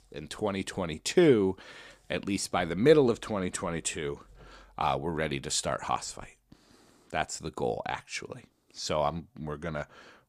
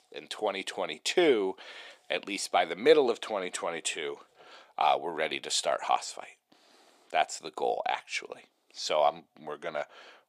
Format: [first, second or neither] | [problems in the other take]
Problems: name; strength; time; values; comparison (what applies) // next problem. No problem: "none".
first | thin; somewhat; fading below 400 Hz